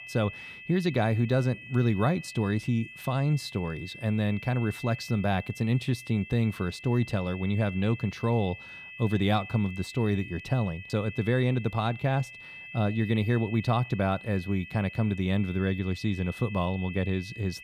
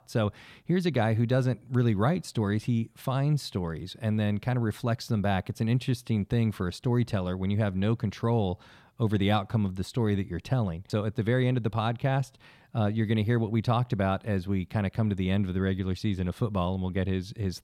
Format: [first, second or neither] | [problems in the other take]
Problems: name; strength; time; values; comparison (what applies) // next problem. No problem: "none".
second | high-pitched whine; noticeable; throughout; 2.5 kHz, 15 dB below the speech